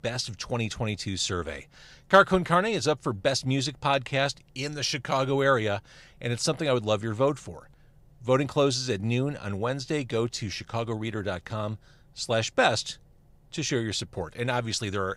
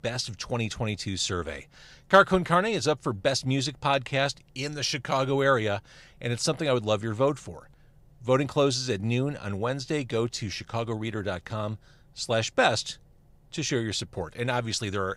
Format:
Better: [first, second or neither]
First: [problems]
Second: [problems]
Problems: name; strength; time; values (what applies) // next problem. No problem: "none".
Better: neither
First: none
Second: none